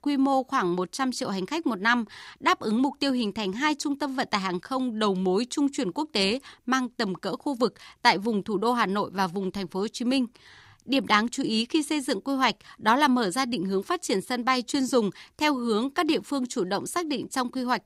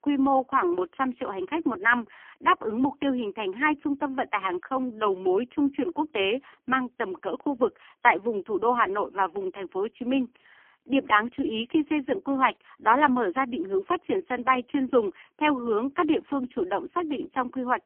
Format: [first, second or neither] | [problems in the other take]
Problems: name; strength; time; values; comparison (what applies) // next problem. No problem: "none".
first | phone-call audio; poor line; nothing above 3 kHz